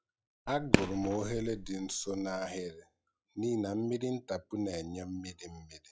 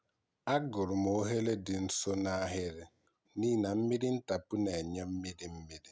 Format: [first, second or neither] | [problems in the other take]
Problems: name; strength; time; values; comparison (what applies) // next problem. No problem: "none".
second | noise reduction (classical method log-MMSE)